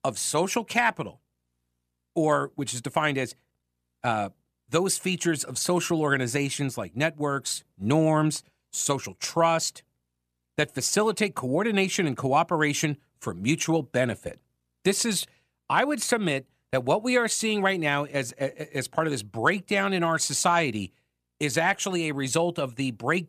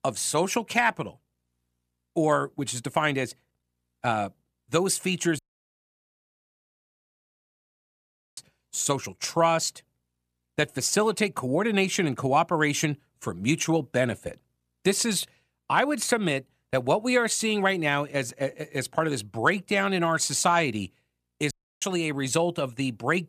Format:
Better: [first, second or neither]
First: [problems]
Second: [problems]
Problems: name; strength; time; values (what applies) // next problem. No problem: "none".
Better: first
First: none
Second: audio cutting out; at 5.5 s for 3 s and at 22 s